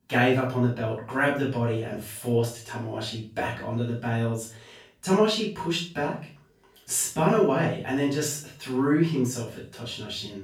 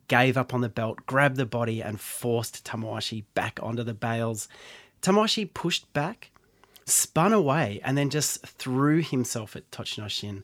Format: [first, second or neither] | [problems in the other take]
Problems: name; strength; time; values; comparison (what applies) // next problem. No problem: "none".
second | off-mic speech; far // room echo; noticeable; dies away in 0.3 s